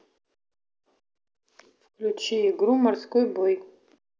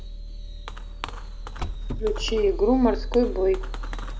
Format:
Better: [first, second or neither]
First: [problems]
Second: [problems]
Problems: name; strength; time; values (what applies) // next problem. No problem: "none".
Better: first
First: none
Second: background sound (Fireworks); 5 dB below the speech